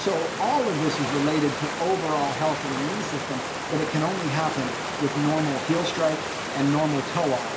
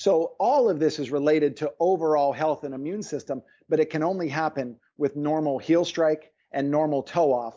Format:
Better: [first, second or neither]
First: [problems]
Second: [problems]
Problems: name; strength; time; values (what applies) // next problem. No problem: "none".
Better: second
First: background sound (Water); 4 dB below the speech // room echo; dies away in 0.4 s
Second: none